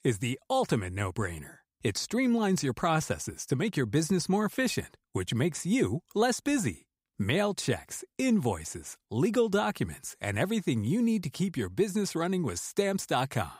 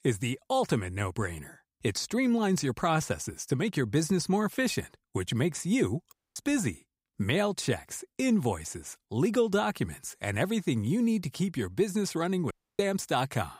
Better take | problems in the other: first | audio cutting out; at 6 s and at 13 s

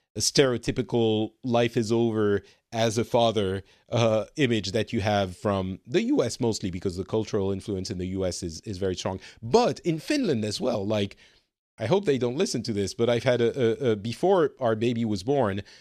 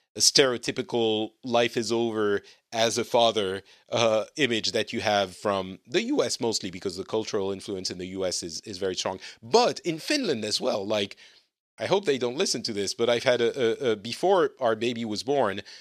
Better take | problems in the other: first | thin; very slightly; fading below 550 Hz

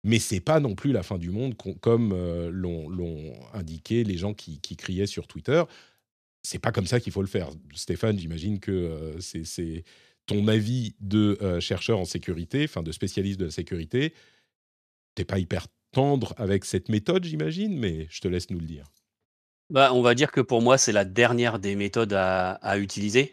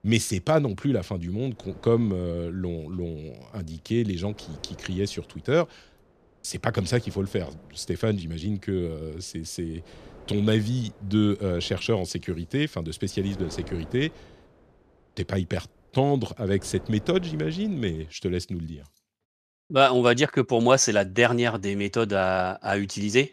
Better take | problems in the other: first | wind noise on the microphone; occasional gusts; until 18 s; 25 dB below the speech

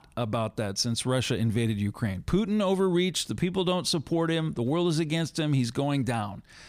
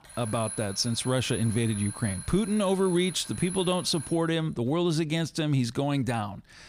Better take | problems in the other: first | alarm; noticeable; until 4.5 s; peak 9 dB below the speech

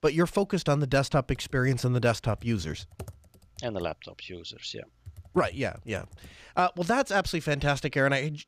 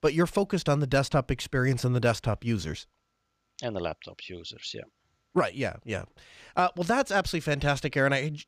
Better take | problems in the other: second | keyboard typing; faint; from 1.5 to 6.5 s; peak 15 dB below the speech

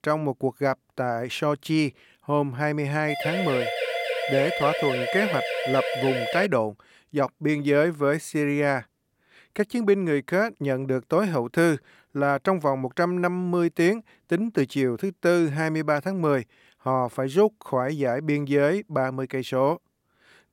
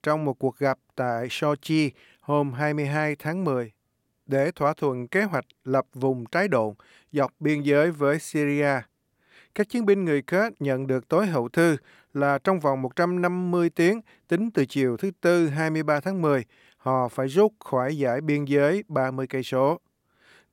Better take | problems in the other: second | siren; noticeable; from 3 to 6.5 s; peak 2 dB below the speech

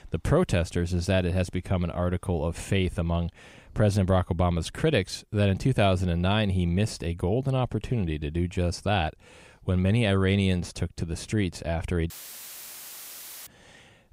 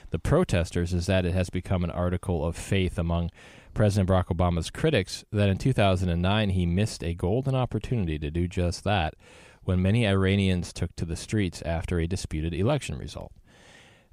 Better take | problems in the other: second | audio cutting out; filled with static; at 12 s for 1.5 s

